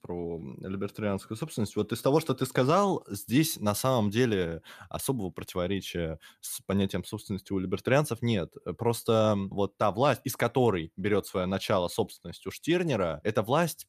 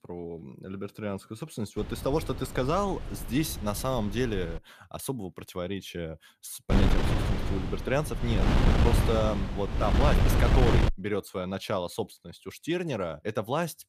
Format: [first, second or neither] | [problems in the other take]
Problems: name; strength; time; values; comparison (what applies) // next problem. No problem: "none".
first | wind noise on the microphone; heavy; from 2 to 4.5 s and from 6.5 to 11 s; as loud as the speech